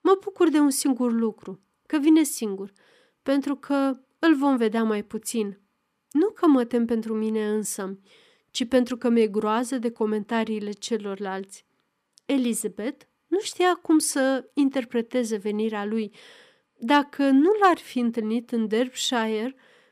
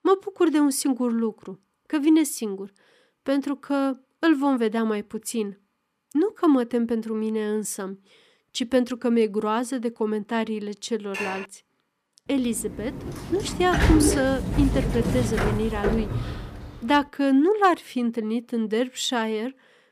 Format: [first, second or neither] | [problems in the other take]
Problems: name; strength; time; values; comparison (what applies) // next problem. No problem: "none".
first | clattering dishes; noticeable; at 11 s; peak 7 dB below the speech // door banging; loud; from 13 to 16 s; peak 4 dB above the speech